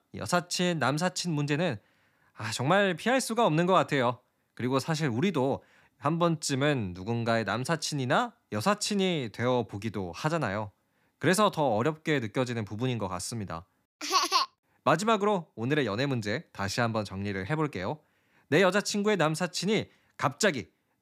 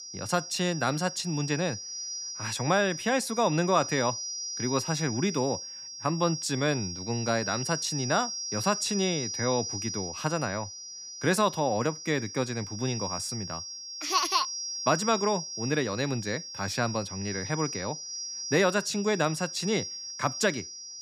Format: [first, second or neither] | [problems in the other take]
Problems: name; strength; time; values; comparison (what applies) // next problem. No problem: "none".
first | high-pitched whine; loud; throughout; 5.5 kHz, 6 dB below the speech